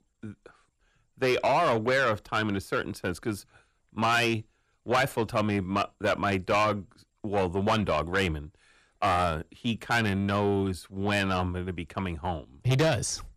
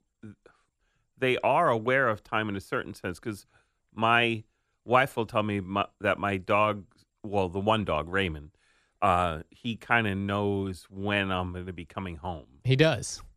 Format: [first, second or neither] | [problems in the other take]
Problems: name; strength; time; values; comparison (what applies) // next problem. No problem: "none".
second | distortion; heavy; 7 dB below the speech